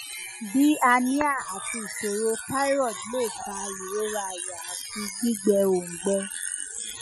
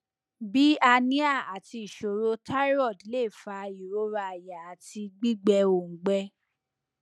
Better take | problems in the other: second | noise reduction (classical method Wiener filter)

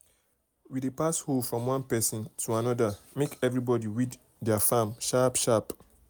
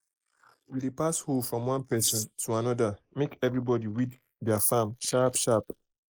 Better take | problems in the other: first | noise reduction (neural mask model Resemble Enhance denoiser)

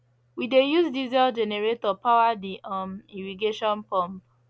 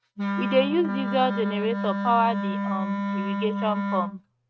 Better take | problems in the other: first | noise reduction (neural mask model RNNoise)

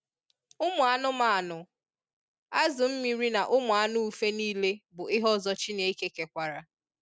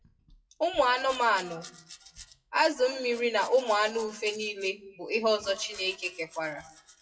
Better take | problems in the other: first | noise reduction (classical method WPE with log-MMSE)

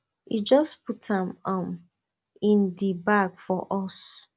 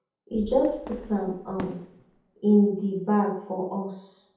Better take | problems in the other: first | background sound (Fireworks); 19 dB below the speech // room echo; dies away in 0.7 s

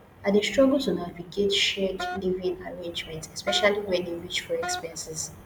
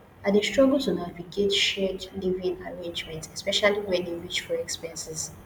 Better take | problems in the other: second | background sound (Wind instrument, woodwind instrument); 10 dB below the speech

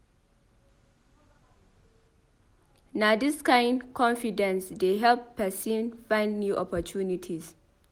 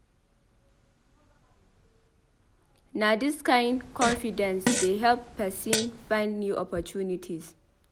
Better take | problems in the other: first | background sound (Fart); 3 dB below the speech

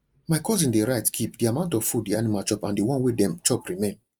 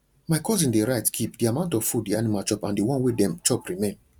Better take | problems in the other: second | noise reduction (neural mask model Resemble Enhance denoiser)

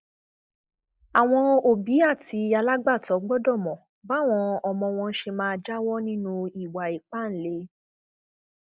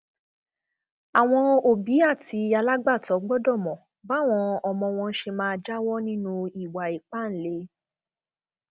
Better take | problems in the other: second | noise reduction (neural mask model Resemble Enhance denoiser)

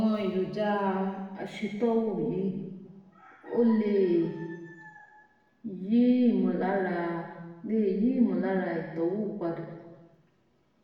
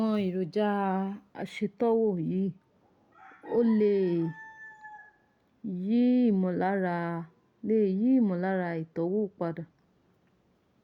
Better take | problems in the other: second | room echo; dies away in 1.2 s

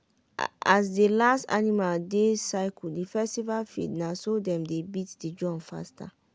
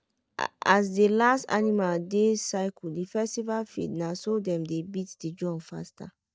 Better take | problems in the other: first | noise reduction (neural mask model DeepFilterNet 3)

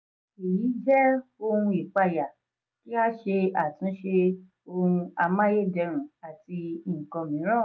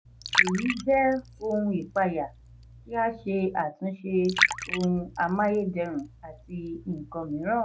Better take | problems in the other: first | background sound (Liquid); 5 dB below the speech

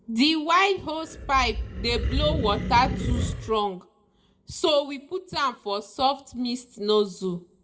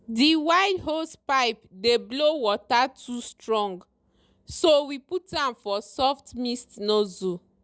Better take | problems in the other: second | background sound (Animal); 3 dB below the speech // room echo; dies away in 0.4 s

